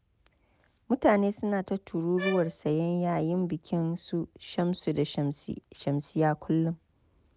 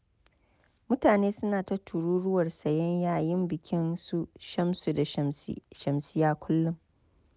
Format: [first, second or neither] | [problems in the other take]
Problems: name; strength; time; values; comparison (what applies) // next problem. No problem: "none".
second | background sound (Bowed string instrument); 11 dB below the speech